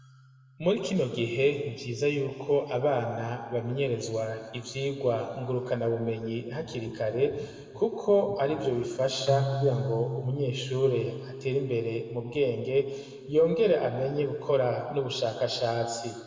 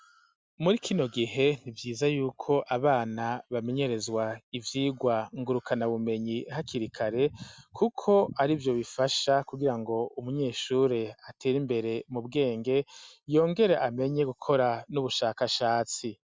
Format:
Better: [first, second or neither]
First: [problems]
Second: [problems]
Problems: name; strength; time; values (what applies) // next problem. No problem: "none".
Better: second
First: background sound (Keyboard (musical)); 13 dB below the speech // room echo; dies away in 1.9 s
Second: none